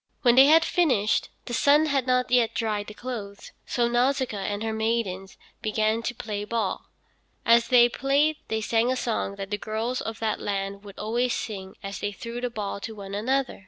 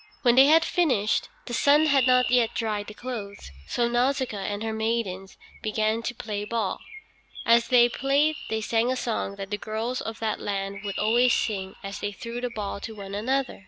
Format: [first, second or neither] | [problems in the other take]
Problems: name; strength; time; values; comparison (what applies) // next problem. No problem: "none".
first | background sound (Chirp, tweet); 10 dB below the speech